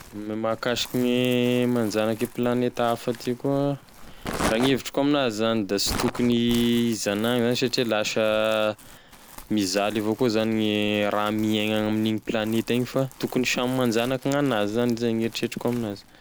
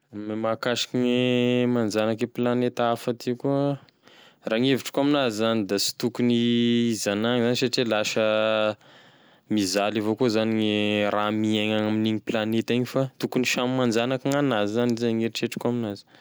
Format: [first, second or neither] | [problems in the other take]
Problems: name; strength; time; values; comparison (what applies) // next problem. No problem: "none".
second | background sound (Crumpling, crinkling); 15 dB below the speech